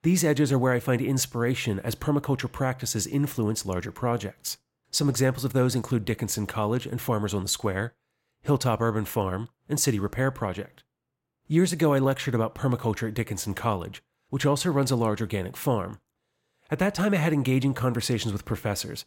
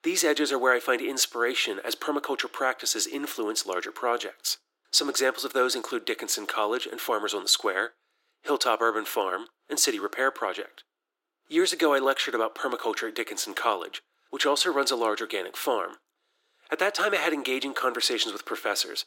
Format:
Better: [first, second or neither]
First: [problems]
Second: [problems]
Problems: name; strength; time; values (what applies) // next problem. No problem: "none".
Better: first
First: none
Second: thin; very; fading below 350 Hz